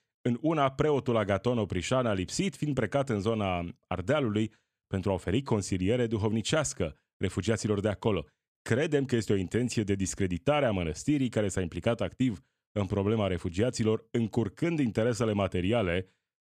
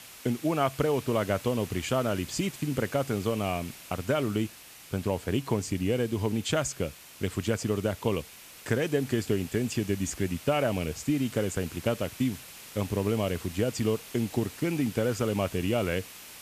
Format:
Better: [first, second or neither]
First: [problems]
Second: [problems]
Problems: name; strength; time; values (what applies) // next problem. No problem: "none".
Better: first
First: none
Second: hiss; noticeable; throughout; 15 dB below the speech